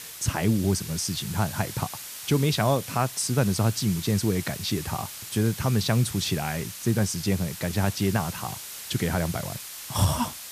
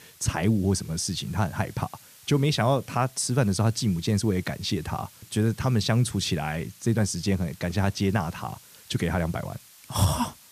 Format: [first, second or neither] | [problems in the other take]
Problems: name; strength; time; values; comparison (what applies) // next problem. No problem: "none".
second | hiss; loud; throughout; 10 dB below the speech; faint in the second